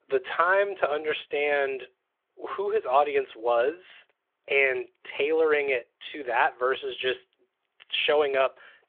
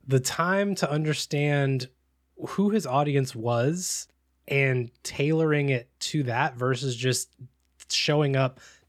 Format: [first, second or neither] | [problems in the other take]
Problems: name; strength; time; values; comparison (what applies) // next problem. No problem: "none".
second | phone-call audio; nothing above 3.5 kHz